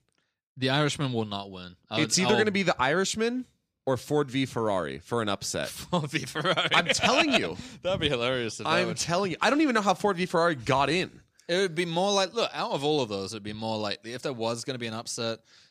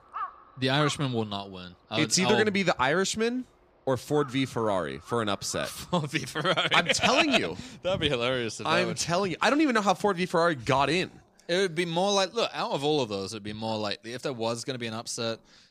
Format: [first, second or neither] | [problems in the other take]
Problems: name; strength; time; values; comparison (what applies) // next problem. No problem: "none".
first | animal sounds; noticeable; throughout; 15 dB below the speech